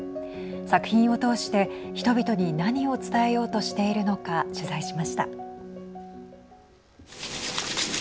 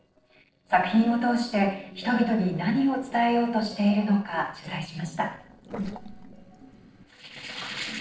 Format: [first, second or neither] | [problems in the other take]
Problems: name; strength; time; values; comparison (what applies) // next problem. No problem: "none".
first | noise reduction (neural separator model SepFormer DNS4)